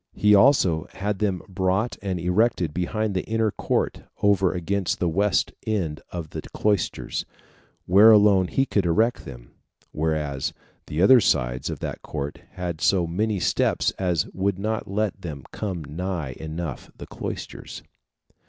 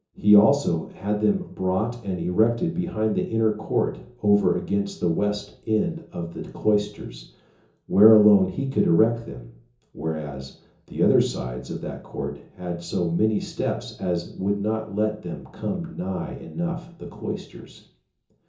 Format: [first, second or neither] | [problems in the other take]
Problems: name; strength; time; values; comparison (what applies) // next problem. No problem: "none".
first | room echo; dies away in 0.6 s